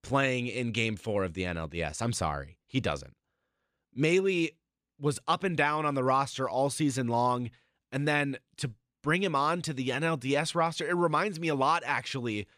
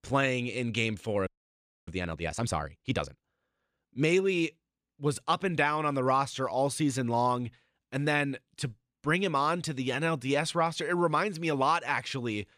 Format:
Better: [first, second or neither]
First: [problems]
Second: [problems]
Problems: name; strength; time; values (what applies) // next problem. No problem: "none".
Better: first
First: none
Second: audio freezing; at 1.5 s for 0.5 s